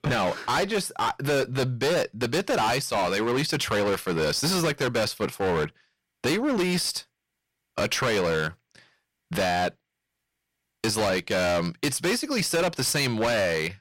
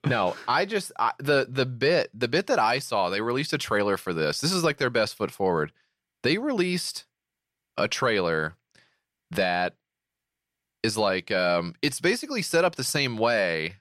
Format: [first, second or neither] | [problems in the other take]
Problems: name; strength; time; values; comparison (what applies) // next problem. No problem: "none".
second | distortion; heavy; 20% of the sound clipped